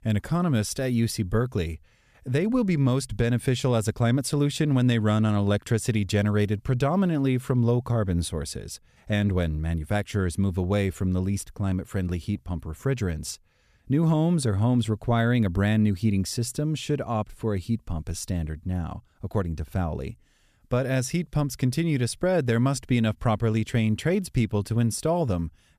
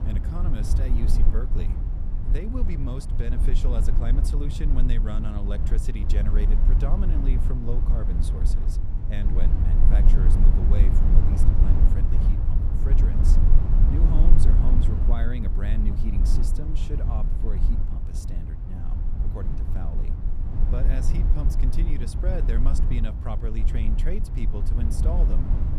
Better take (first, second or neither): first